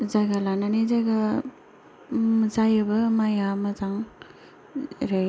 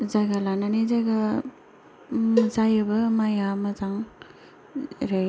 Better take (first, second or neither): first